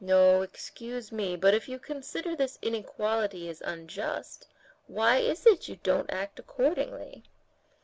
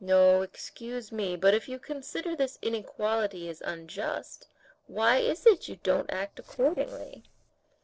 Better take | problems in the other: first | noise reduction (neural separator model SepFormer DNS4)

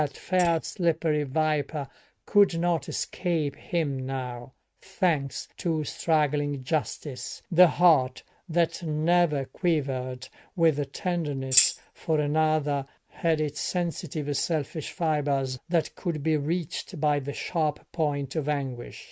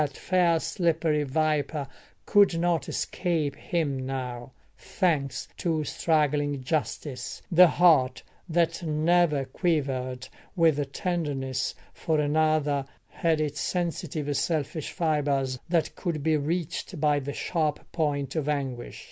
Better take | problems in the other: second | noise reduction (neural mask model RNNoise)

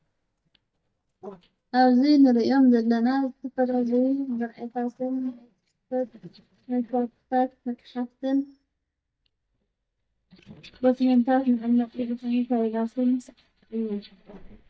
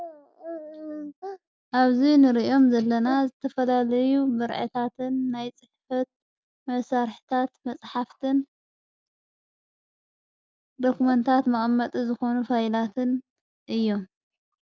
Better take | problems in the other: second | noise reduction (neural mask model DeepFilterNet 3)

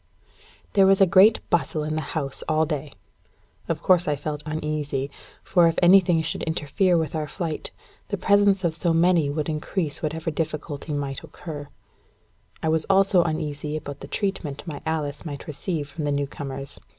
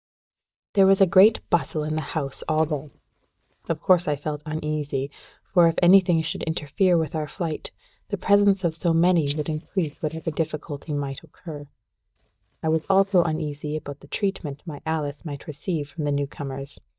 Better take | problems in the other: first | noise reduction (neural mask model DeepFilterNet 3)

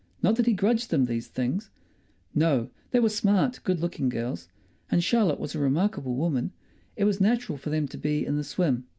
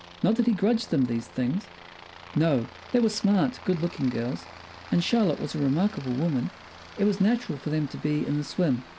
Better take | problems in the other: first | background sound (Aircraft); 19 dB below the speech

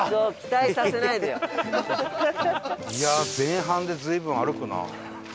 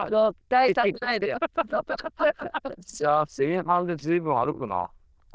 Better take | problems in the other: first | noise reduction (neural diffusion model UNIVERSE++)

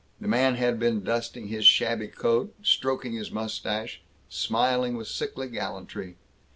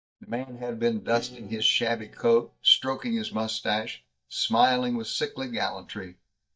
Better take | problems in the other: first | noise reduction (neural mask model DeepFilterNet 3)

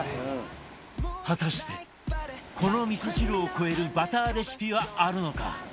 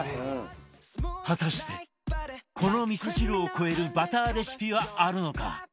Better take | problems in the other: second | background sound (Ocean); 17 dB below the speech

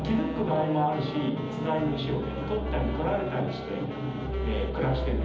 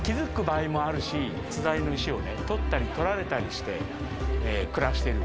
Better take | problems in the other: second | background sound (Wind instrument, woodwind instrument); 12 dB below the speech // room echo; dies away in 1.3 s

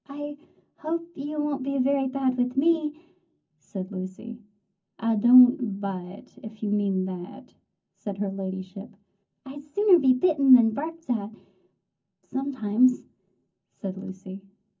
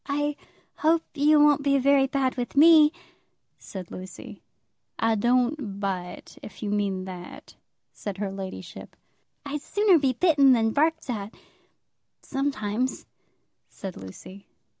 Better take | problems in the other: second | room echo; dies away in 0.3 s

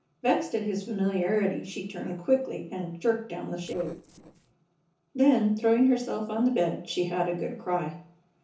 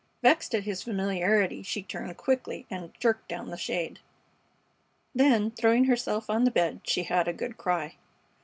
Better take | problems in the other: second | noise reduction (neural separator model SepFormer DNS4)

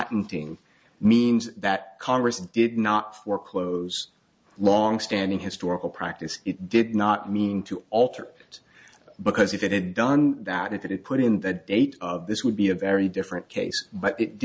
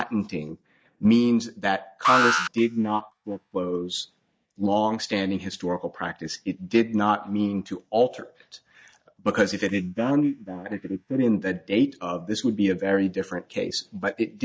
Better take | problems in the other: first | noise reduction (neural mask model DeepFilterNet 3)

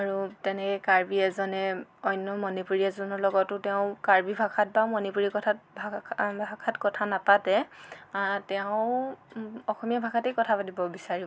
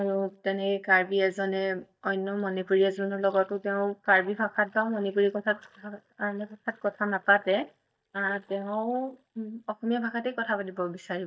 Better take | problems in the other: first | noise reduction (neural mask model DeepFilterNet 3)

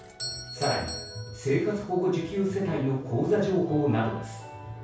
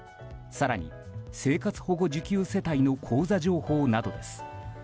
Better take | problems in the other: second | background sound (Doorbell); 15 dB below the speech // room echo; dies away in 0.6 s

